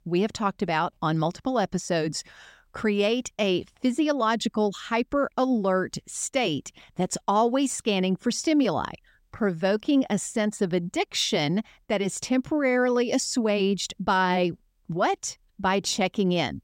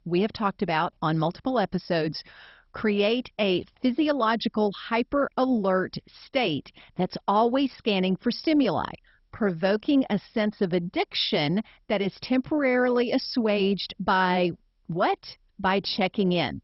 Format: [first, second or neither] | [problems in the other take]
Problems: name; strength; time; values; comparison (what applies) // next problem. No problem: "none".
first | garbled, watery; badly; nothing above 5.5 kHz